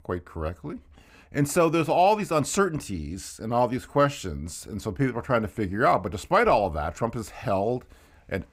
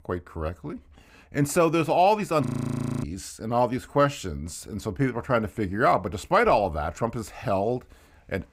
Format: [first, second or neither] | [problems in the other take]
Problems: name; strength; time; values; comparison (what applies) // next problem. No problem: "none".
first | audio freezing; at 2.5 s for 0.5 s